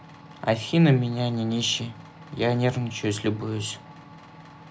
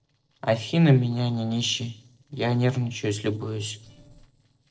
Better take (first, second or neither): first